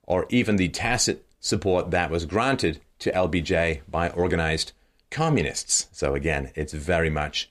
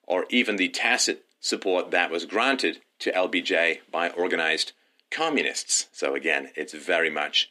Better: first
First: none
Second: thin; very slightly; fading below 250 Hz

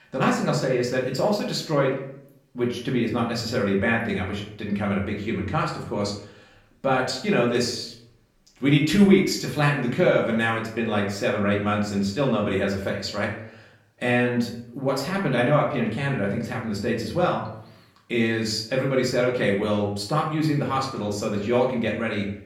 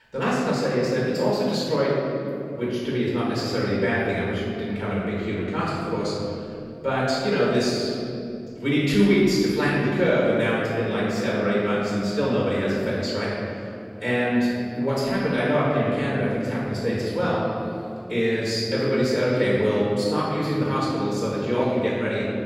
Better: first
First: room echo; slight; dies away in 0.5 s // off-mic speech; far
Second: room echo; strong; dies away in 2.8 s // off-mic speech; far

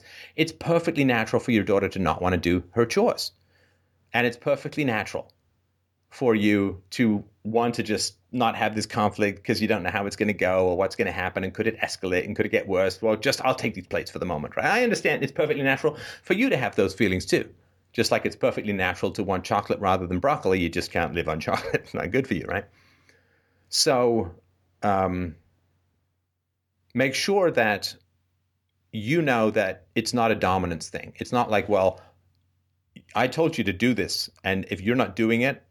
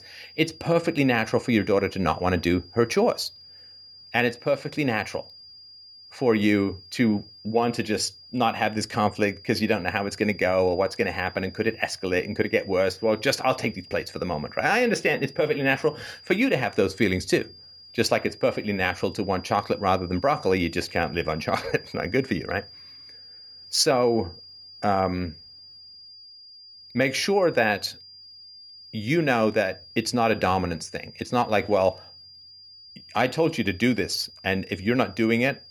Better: first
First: none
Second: high-pitched whine; noticeable; throughout; 5 kHz, 20 dB below the speech

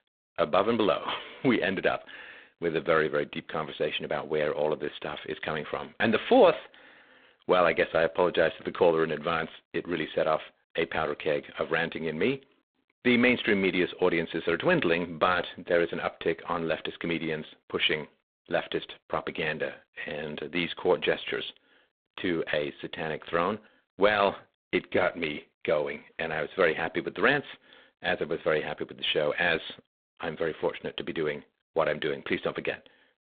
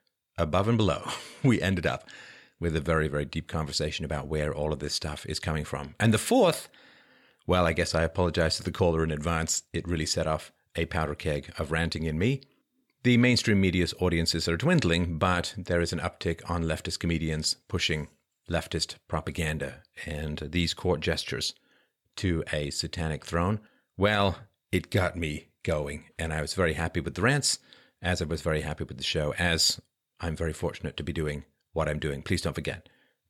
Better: second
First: phone-call audio; poor line; nothing above 3.5 kHz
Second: none

